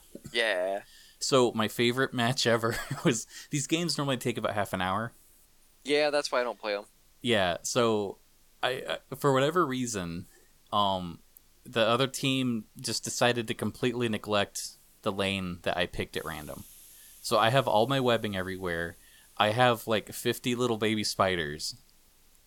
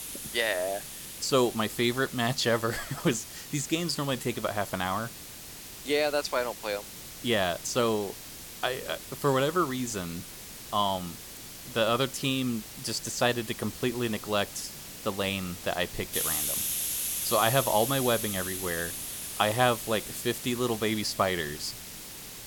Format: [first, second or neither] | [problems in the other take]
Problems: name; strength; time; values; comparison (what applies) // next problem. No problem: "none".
first | hiss; loud; throughout; 7 dB below the speech; faint in the first